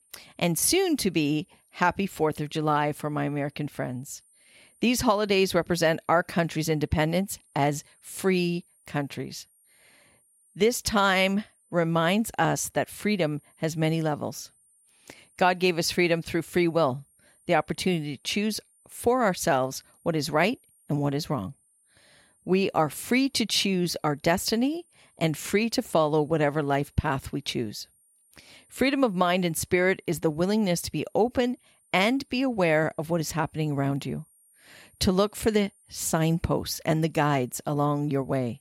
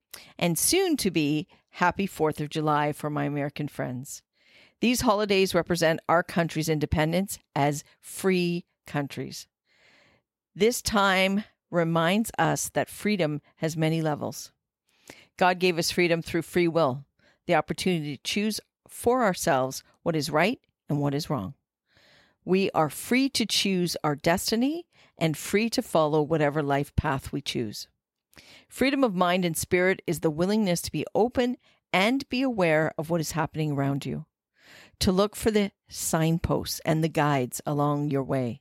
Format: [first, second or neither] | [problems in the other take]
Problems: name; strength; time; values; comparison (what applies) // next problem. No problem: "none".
second | high-pitched whine; faint; throughout; 9 kHz, 35 dB below the speech